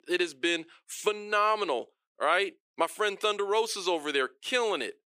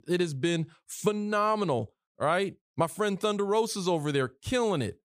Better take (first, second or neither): second